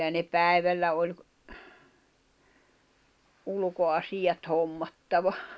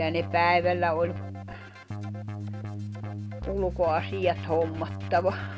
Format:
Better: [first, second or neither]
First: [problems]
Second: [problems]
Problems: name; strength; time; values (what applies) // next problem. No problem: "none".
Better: first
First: none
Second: background sound (Keyboard (musical)); 7 dB below the speech